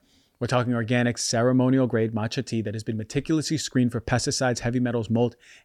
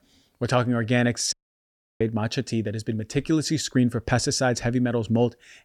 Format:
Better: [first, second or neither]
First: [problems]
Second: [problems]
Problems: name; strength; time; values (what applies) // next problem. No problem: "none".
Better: first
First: none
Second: audio cutting out; at 1.5 s for 0.5 s